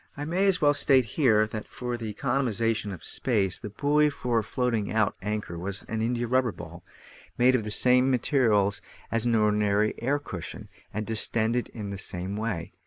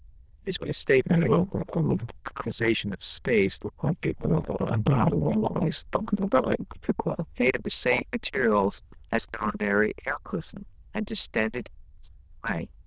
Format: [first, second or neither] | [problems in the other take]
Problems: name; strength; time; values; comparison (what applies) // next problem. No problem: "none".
first | noise reduction (neural diffusion model UNIVERSE++)